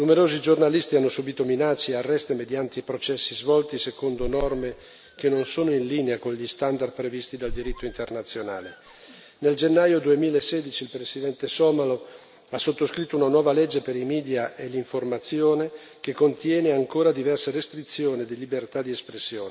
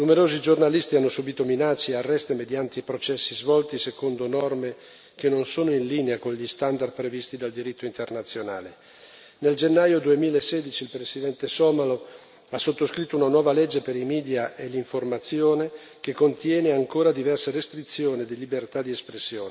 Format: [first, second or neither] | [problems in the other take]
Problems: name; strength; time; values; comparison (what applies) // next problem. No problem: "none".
second | background sound (Squeak); 13 dB below the speech